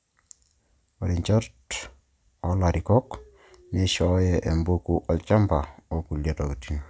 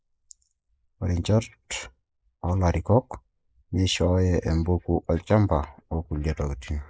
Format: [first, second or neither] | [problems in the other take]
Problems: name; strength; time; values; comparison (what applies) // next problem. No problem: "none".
first | noise reduction (neural mask model Resemble Enhance denoiser)